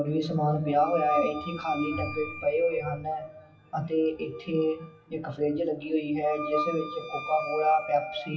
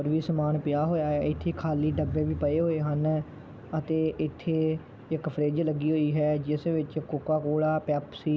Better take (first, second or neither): second